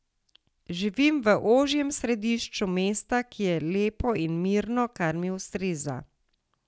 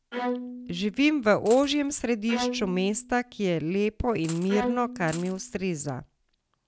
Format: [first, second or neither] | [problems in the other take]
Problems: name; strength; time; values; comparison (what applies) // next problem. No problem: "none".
first | background sound (Bowed string instrument + Coin (dropping)); 10 dB below the speech